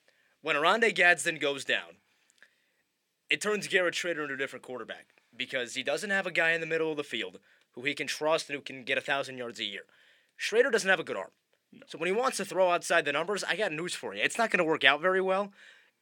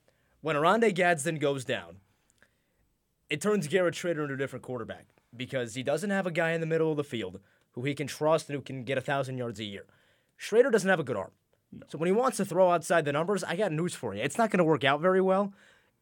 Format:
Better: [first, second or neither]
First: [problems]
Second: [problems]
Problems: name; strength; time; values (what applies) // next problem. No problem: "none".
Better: second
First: thin; somewhat; fading below 250 Hz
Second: none